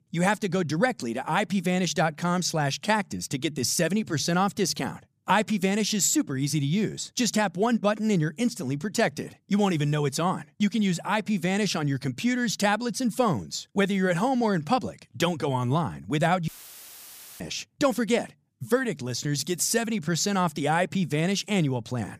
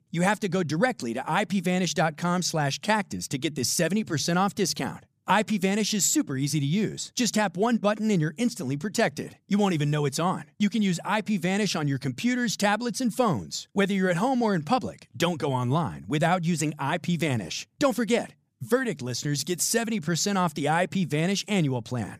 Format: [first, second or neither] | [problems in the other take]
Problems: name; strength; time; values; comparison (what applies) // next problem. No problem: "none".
second | audio cutting out; filled with static; at 16 s for 1 s